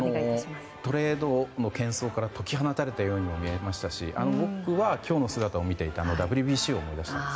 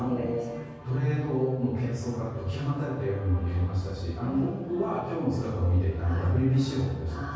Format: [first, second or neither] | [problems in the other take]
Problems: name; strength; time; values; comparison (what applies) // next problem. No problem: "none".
first | room echo; dies away in 1.3 s